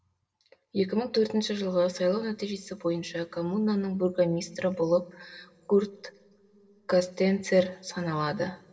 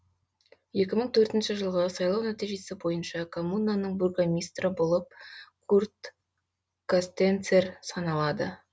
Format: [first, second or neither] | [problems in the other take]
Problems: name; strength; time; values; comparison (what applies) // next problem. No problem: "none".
second | room echo; dies away in 2.3 s